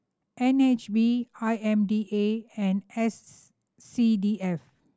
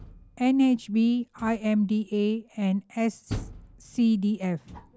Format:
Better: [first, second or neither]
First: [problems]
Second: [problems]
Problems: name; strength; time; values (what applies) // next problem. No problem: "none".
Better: first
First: none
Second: background sound (Door); 17 dB below the speech